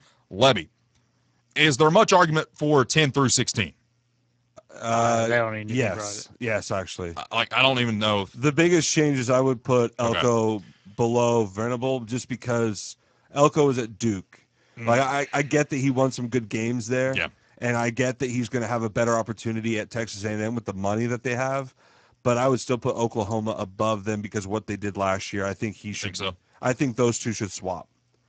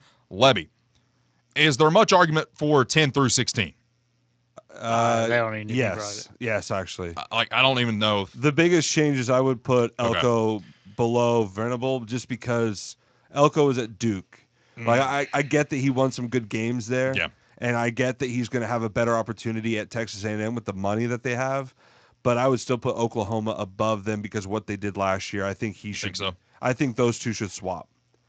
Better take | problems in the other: second | garbled, watery; badly; nothing above 7.5 kHz; slightly in the second

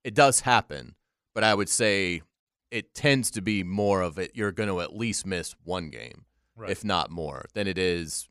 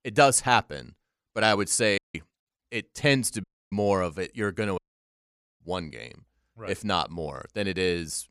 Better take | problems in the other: first | audio cutting out; at 2 s, at 3.5 s and at 5 s for 1 s

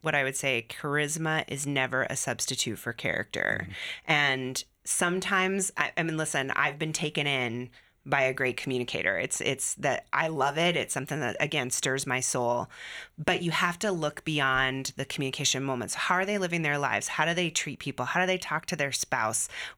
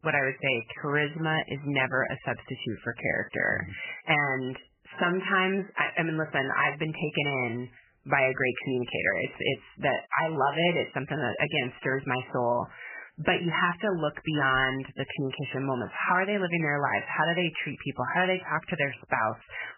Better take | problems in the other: first | garbled, watery; badly; nothing above 3 kHz

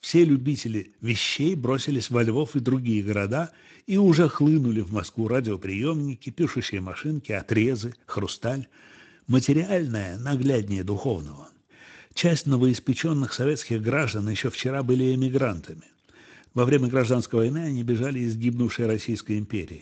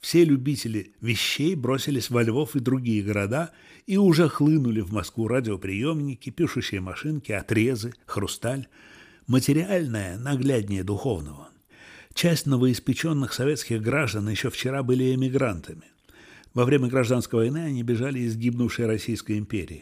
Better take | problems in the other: second | garbled, watery; slightly; nothing above 7.5 kHz

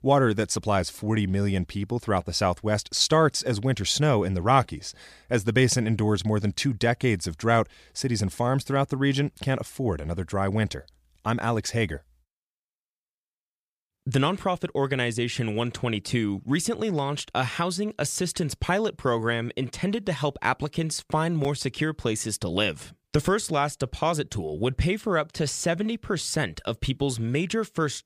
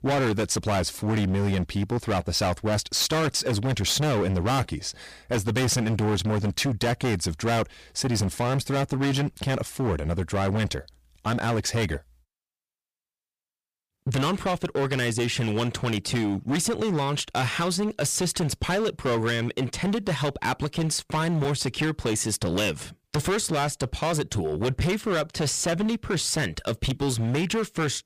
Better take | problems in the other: first | distortion; heavy; 20% of the sound clipped

